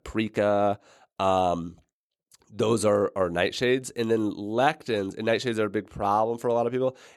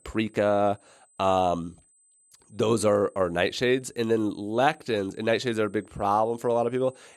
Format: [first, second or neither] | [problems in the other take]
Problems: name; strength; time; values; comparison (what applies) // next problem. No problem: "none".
first | high-pitched whine; faint; throughout; 8 kHz, 35 dB below the speech